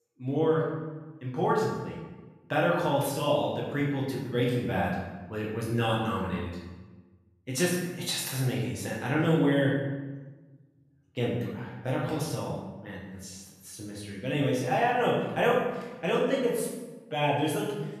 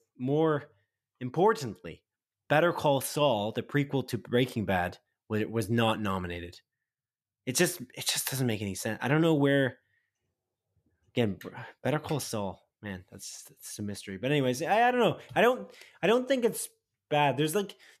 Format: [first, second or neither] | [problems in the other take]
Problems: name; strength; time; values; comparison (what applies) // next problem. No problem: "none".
second | room echo; noticeable; dies away in 1.1 s // off-mic speech; far